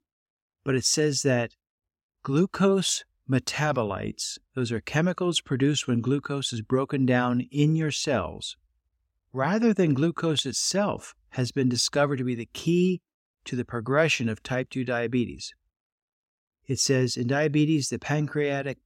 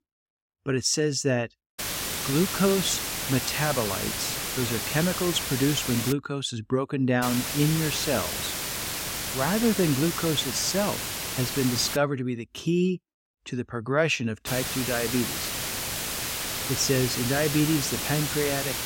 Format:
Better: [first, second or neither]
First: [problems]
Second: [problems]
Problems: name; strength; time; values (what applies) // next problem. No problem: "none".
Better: first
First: none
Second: hiss; loud; from 2 to 6 s, from 7 to 12 s and from 14 s on; 2 dB below the speech